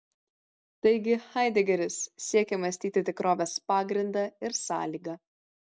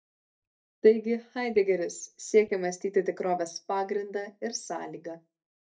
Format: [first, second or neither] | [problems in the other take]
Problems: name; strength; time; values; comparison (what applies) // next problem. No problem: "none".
first | noise reduction (neural mask model DeepFilterNet 3)